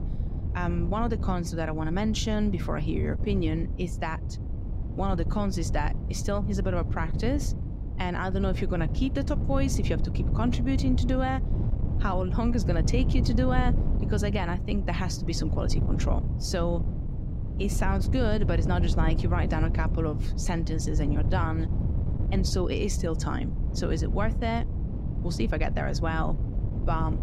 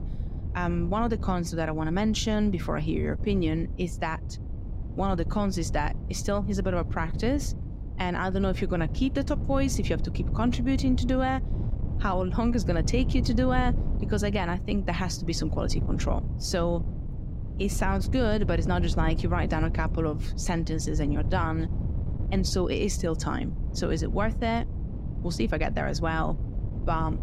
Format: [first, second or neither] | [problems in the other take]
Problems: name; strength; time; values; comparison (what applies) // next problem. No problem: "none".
second | wind noise on the microphone; heavy; 9 dB below the speech; occasional gusts in the second